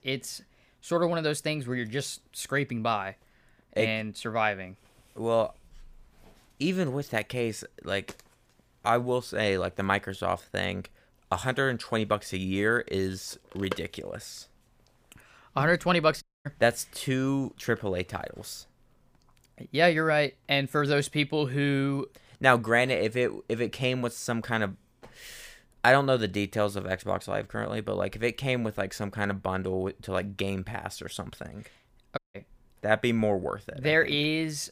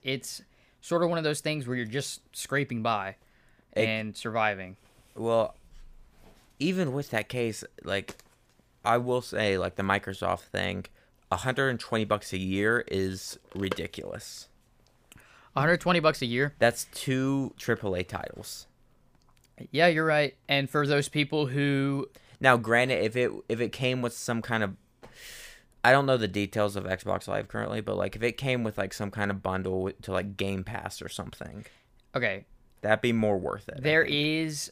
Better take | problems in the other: second | audio cutting out; at 16 s and at 32 s

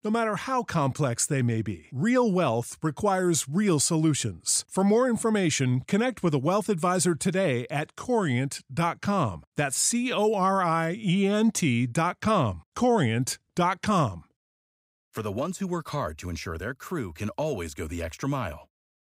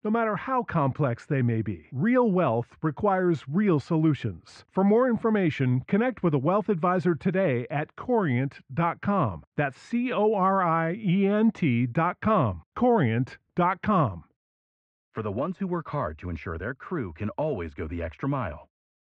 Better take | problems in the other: first | muffled; very; fading above 2 kHz

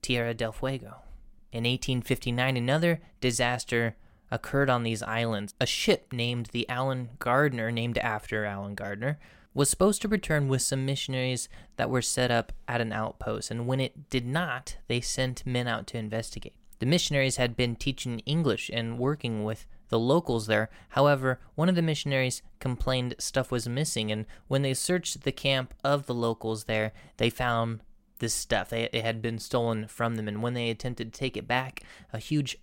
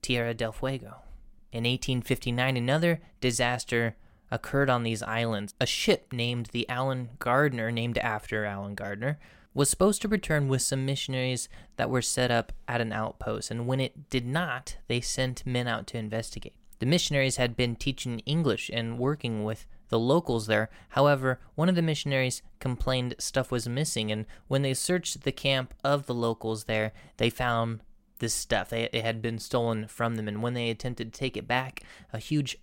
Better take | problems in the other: neither | none

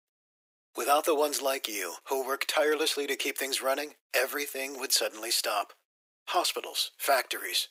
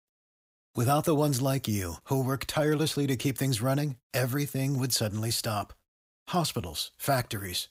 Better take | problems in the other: second | thin; very; fading below 350 Hz

